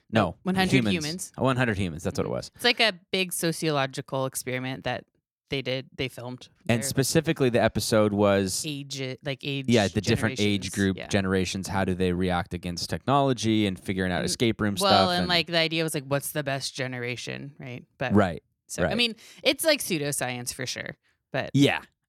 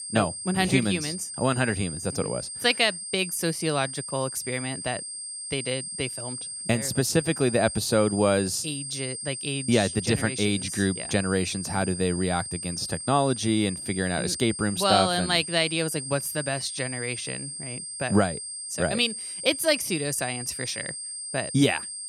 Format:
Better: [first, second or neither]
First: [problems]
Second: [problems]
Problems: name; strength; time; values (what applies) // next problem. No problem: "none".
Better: first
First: none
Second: high-pitched whine; loud; throughout; 8.5 kHz, 7 dB below the speech